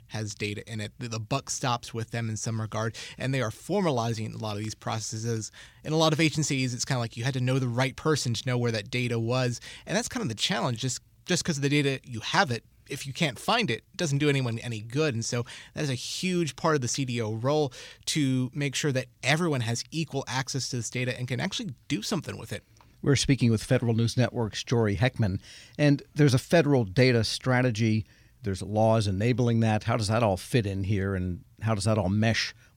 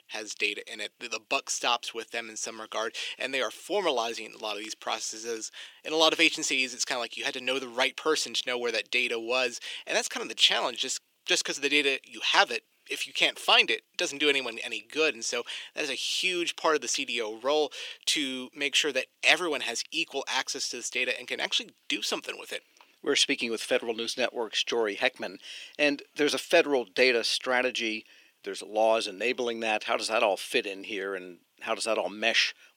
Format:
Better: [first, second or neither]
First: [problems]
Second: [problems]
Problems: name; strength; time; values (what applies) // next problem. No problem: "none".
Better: first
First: none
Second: thin; very; fading below 350 Hz